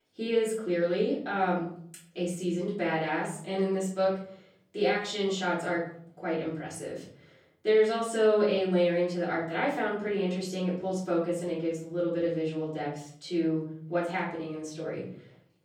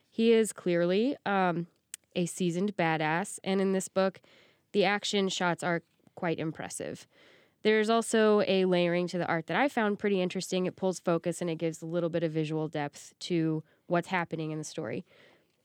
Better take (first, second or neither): second